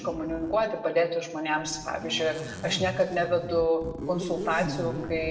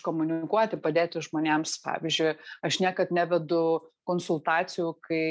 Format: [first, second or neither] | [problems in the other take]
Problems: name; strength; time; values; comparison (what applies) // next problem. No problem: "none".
second | background sound (Zipper (clothing)); 9 dB below the speech // room echo; dies away in 0.8 s